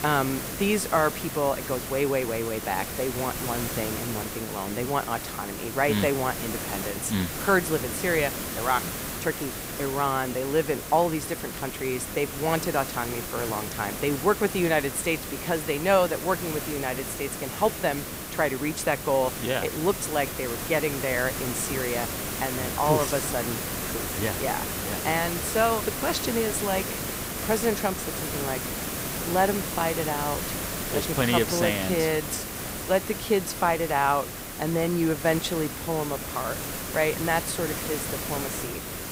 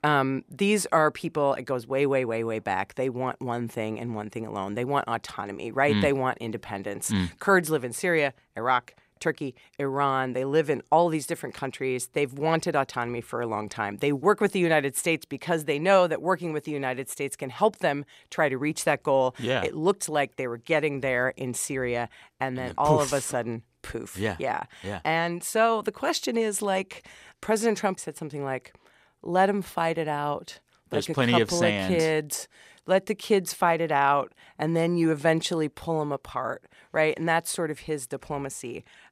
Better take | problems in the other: second | hiss; loud; throughout; 4 dB below the speech

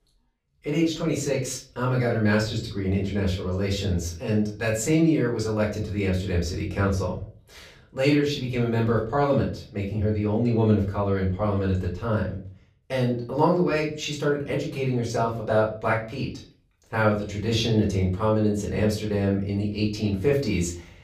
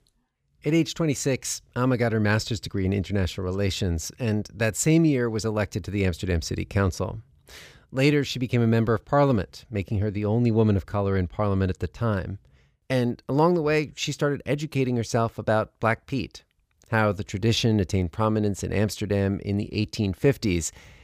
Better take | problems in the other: second | off-mic speech; far // room echo; slight; dies away in 0.4 s

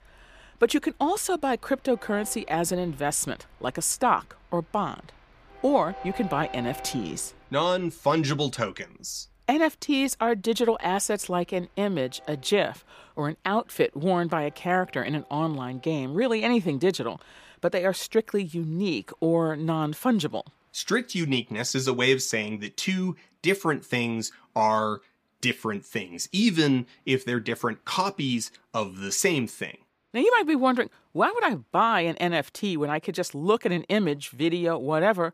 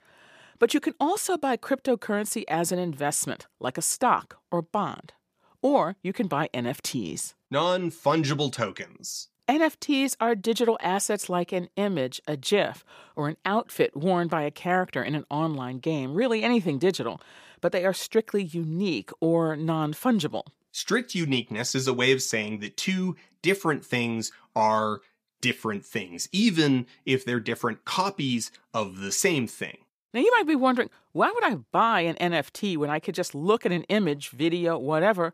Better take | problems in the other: second | train or aircraft noise; faint; throughout; 20 dB below the speech

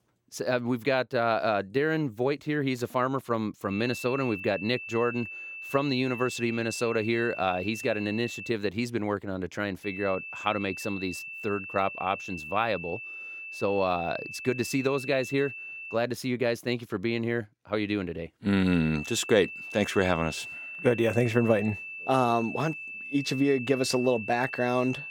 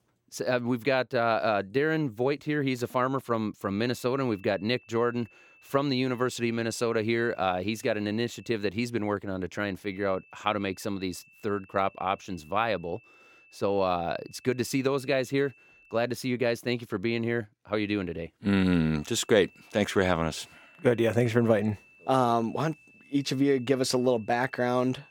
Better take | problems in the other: second | high-pitched whine; loud; from 3.5 to 8.5 s, from 10 to 16 s and from 19 s on; 2.5 kHz, 9 dB below the speech; faint in the second

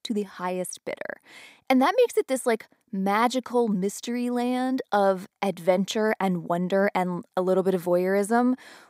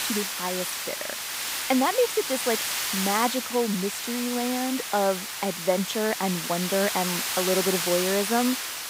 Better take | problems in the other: first | hiss; loud; throughout; 1 dB below the speech

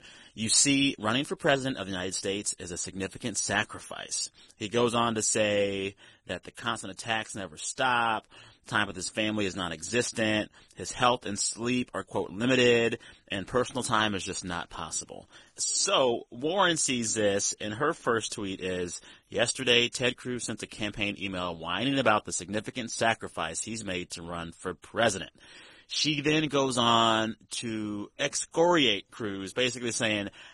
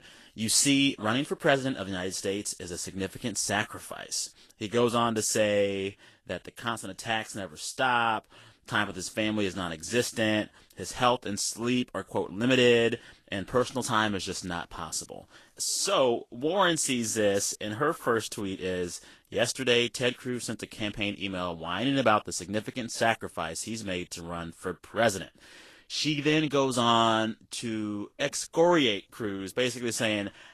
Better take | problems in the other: second | garbled, watery; badly; slightly in the second

